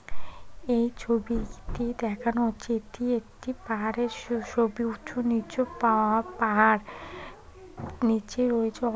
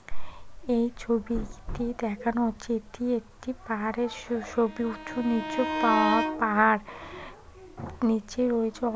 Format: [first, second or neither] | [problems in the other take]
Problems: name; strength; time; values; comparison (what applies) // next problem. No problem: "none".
first | background sound (Bowed string instrument); 5 dB below the speech